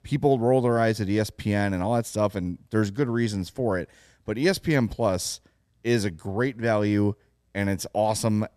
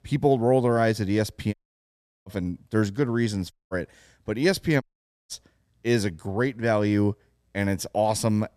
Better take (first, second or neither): first